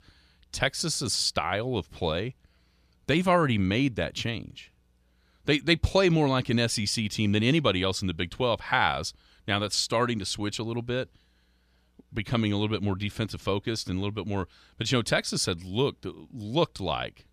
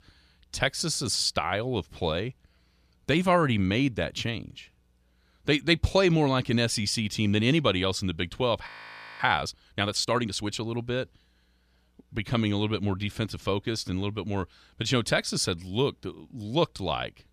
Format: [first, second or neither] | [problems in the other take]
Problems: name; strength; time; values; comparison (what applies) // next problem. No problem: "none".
first | audio freezing; at 8.5 s for 0.5 s